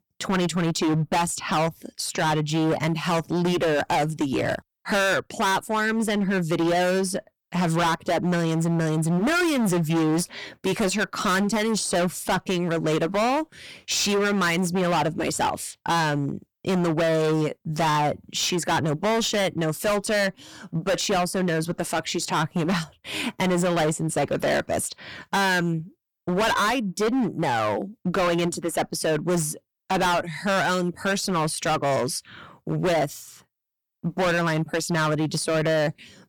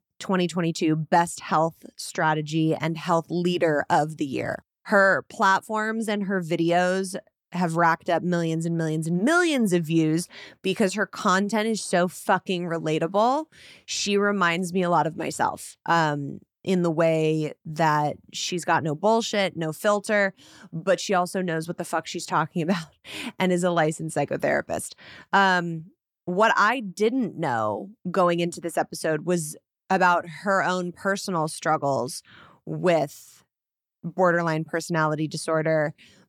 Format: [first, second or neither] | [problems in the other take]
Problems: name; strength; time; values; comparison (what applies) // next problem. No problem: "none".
second | distortion; heavy; 24% of the sound clipped